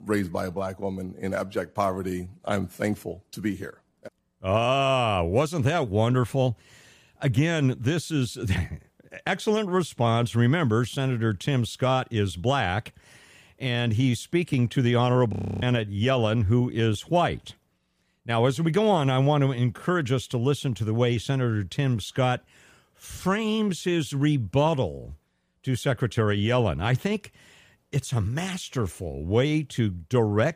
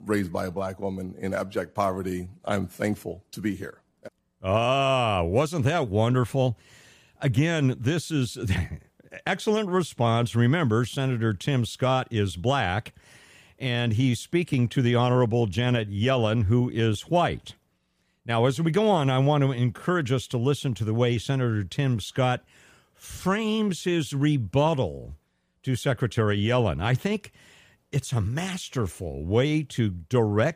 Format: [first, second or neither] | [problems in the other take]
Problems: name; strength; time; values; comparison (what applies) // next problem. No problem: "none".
second | audio freezing; at 15 s